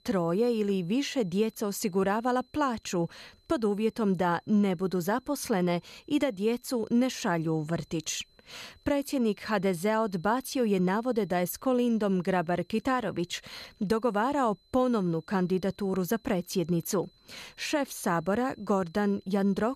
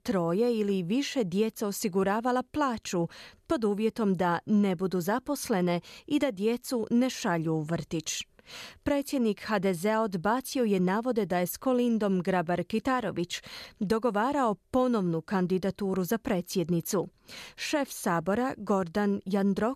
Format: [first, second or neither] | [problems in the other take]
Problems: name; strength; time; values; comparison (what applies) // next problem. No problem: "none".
second | high-pitched whine; faint; throughout; 4 kHz, 35 dB below the speech